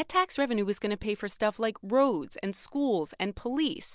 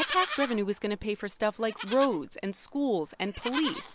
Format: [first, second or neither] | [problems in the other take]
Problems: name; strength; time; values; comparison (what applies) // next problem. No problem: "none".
first | background sound (Livestock, farm animals, working animals); 10 dB below the speech